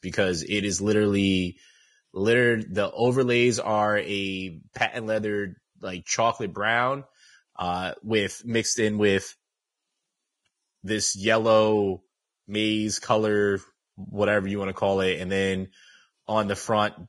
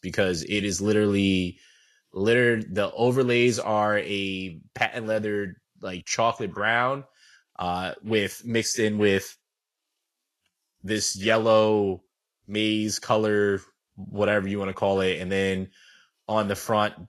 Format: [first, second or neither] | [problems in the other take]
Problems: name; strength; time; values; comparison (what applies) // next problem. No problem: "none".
second | garbled, watery; badly; nothing above 10.5 kHz; slightly in the second